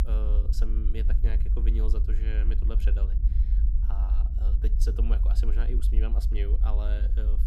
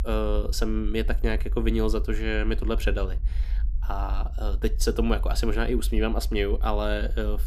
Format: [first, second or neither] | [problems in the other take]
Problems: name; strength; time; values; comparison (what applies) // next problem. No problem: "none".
second | low rumble; loud; throughout; 5 dB below the speech; faint in the second